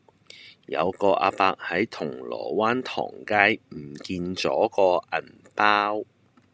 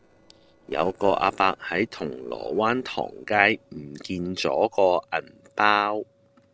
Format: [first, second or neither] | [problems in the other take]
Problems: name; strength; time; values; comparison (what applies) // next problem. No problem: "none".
first | noise reduction (neural separator model SepFormer DNS4)